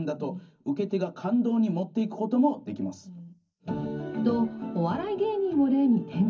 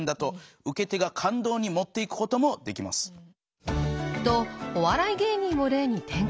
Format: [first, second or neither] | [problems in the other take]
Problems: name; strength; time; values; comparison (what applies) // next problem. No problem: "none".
second | room echo; dies away in 0.4 s